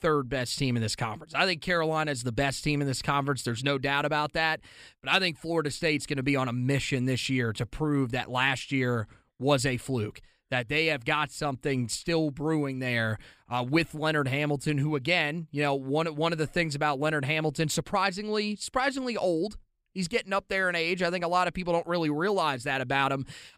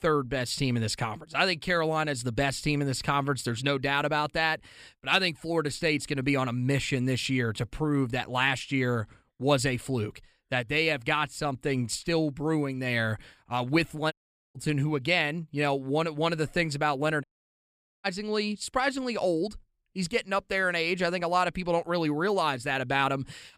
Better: first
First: none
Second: audio cutting out; at 14 s and at 17 s for 1 s

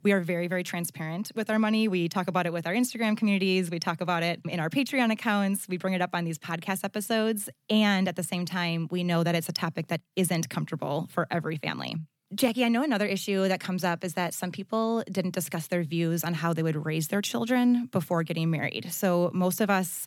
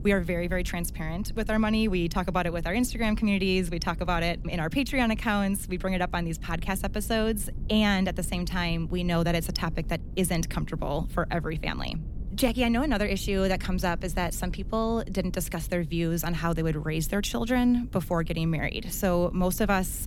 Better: first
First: none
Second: low rumble; faint; throughout; 25 dB below the speech

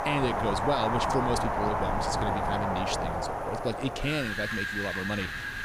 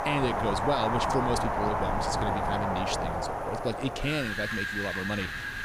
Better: neither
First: wind in the background; very loud; throughout; 2 dB above the speech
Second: wind in the background; very loud; throughout; 2 dB above the speech

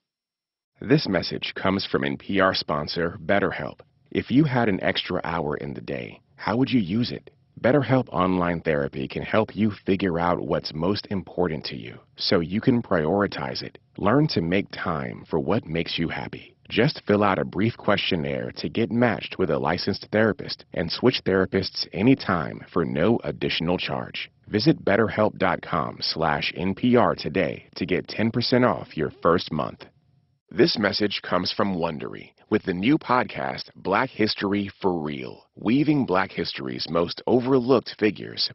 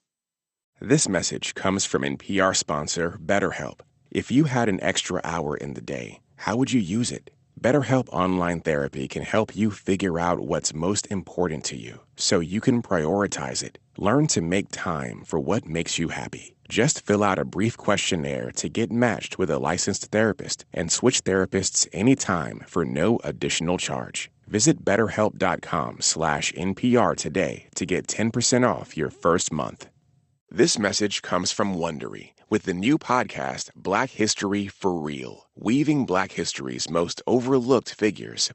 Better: second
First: garbled, watery; badly; nothing above 5.5 kHz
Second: garbled, watery; slightly; nothing above 8 kHz

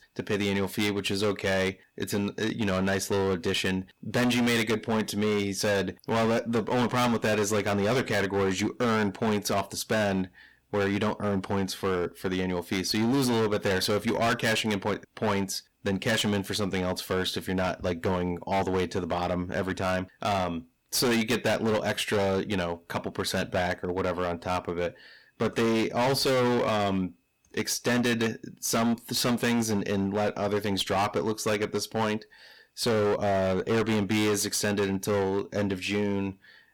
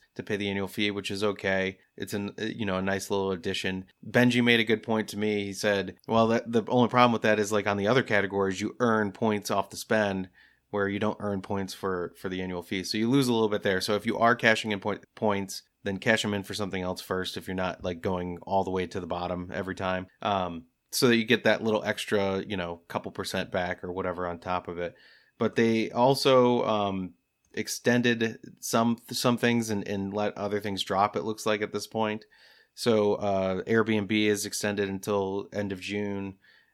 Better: second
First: distortion; heavy; 18% of the sound clipped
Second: none

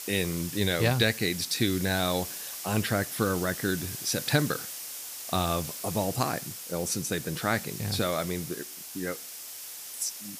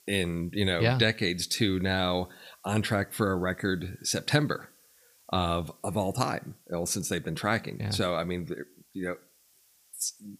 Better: second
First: hiss; loud; throughout; 7 dB below the speech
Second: hiss; faint; throughout; 30 dB below the speech

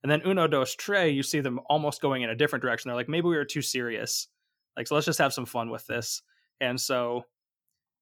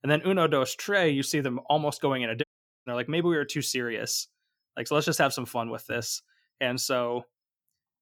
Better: first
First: none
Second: audio cutting out; at 2.5 s

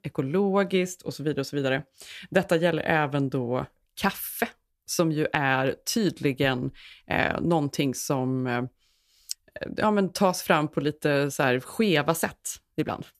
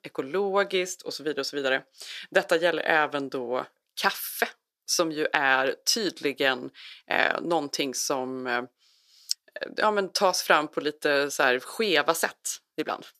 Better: first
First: none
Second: thin; somewhat; fading below 400 Hz

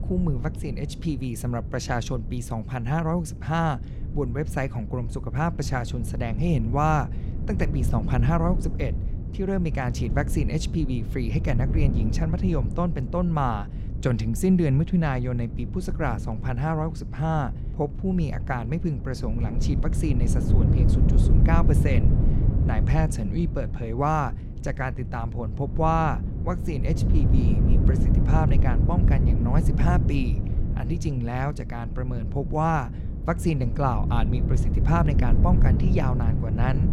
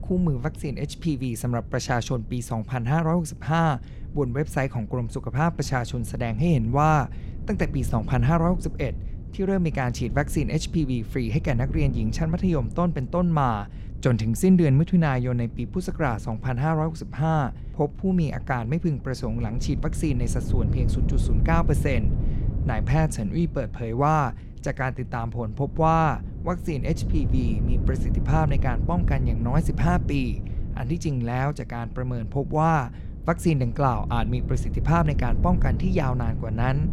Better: second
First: wind noise on the microphone; heavy; 8 dB below the speech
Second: wind noise on the microphone; occasional gusts; 15 dB below the speech

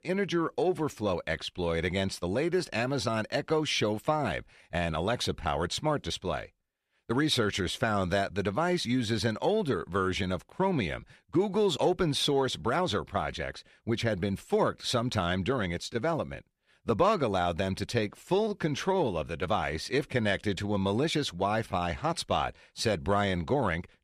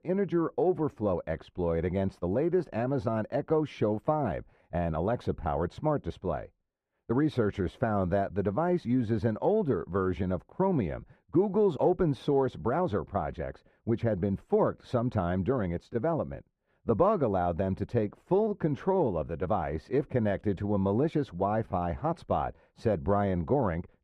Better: first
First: none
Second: muffled; very; fading above 2 kHz

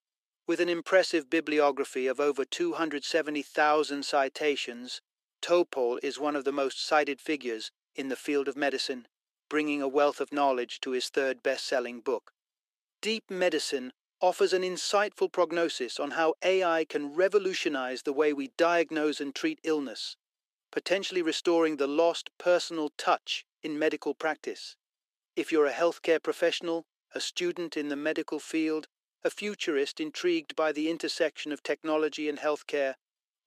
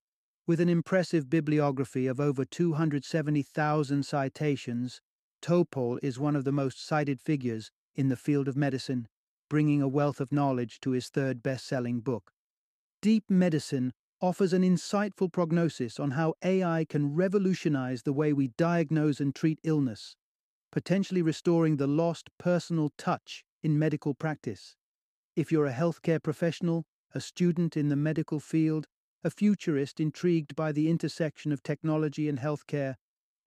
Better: second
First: thin; very; fading below 400 Hz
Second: none

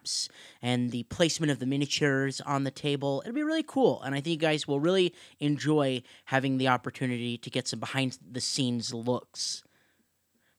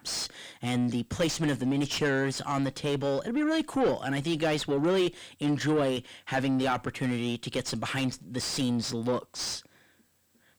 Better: first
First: none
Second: distortion; heavy; 6 dB below the speech

